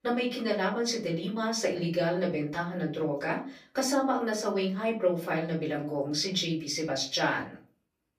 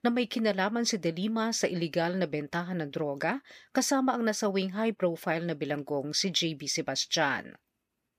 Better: second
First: off-mic speech; far // room echo; slight; dies away in 0.3 s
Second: none

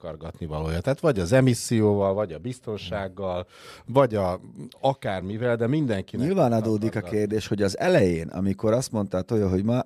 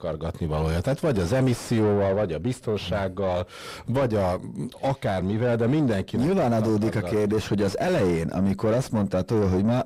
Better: first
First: none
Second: distortion; heavy; 6 dB below the speech

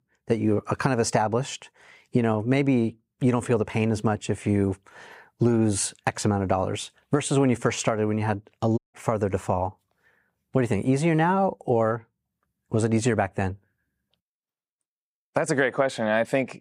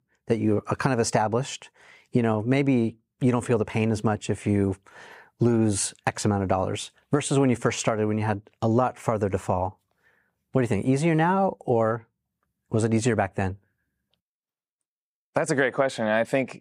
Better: second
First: audio cutting out; at 9 s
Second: none

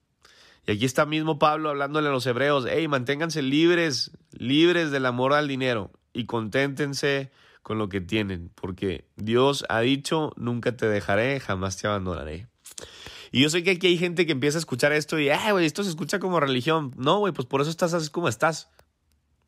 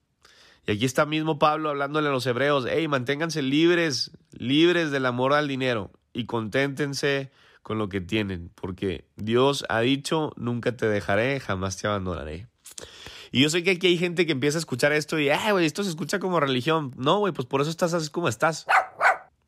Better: first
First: none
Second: dog barking; loud; at 19 s; peak 5 dB above the speech

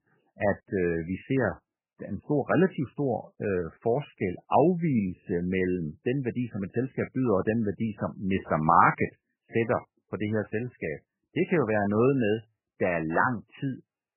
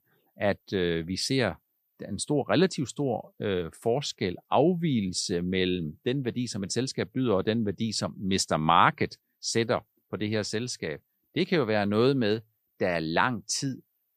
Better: second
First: garbled, watery; badly; nothing above 3 kHz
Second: none

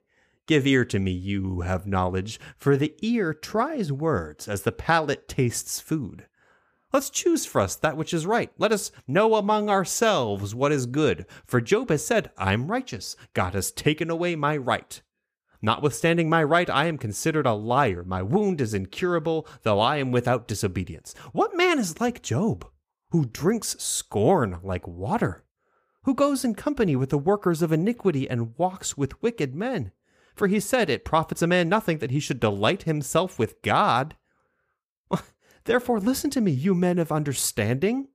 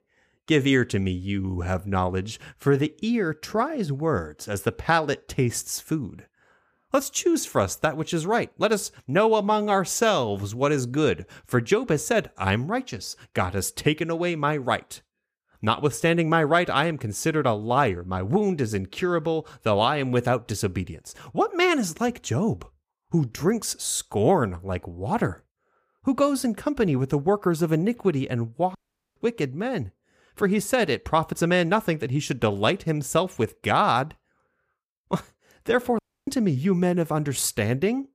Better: first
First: none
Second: audio cutting out; at 29 s and at 36 s

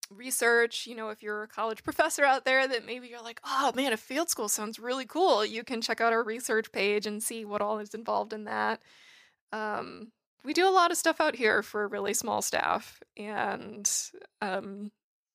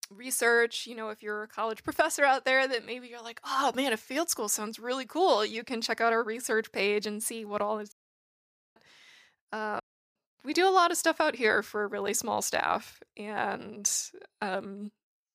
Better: first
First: none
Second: audio cutting out; at 8 s for 1 s and at 10 s

